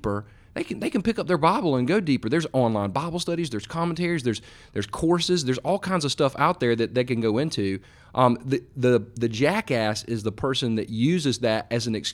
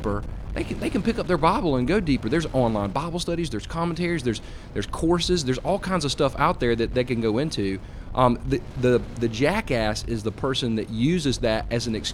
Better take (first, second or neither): first